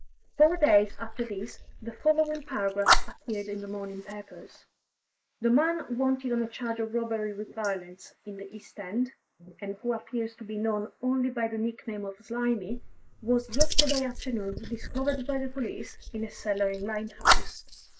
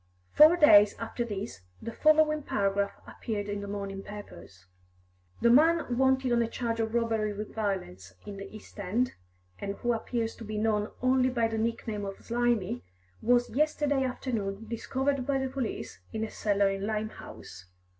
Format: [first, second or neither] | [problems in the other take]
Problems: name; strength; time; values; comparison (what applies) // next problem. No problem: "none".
second | noise reduction (neural mask model Resemble Enhance denoiser)